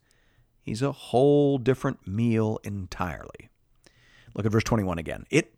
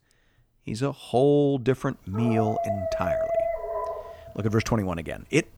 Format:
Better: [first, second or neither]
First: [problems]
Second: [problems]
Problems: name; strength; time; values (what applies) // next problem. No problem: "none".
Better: first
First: none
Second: dog barking; loud; from 2 to 4 s; peak 1 dB above the speech